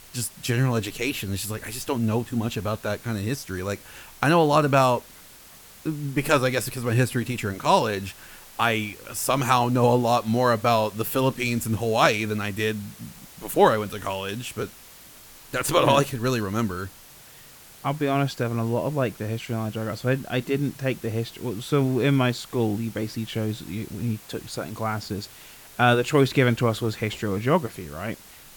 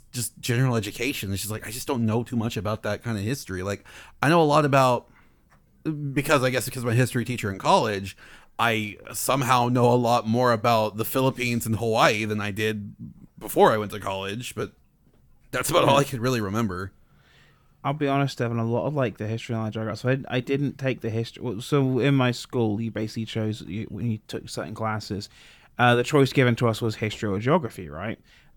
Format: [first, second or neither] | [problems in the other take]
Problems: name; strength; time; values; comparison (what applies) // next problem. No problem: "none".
second | hiss; faint; throughout; 20 dB below the speech